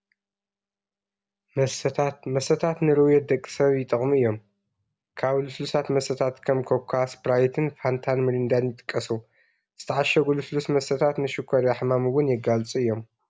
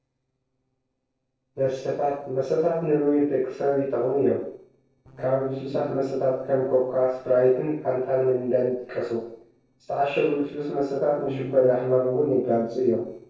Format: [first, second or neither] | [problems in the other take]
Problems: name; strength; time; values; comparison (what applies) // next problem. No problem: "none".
first | noise reduction (neural separator model SepFormer DNS4)